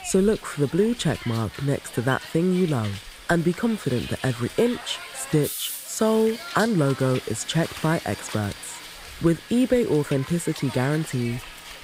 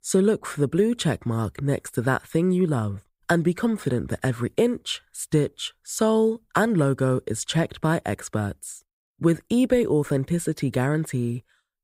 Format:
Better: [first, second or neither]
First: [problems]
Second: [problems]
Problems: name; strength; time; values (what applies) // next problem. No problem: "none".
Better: second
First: hiss; noticeable; throughout; 10 dB below the speech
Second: none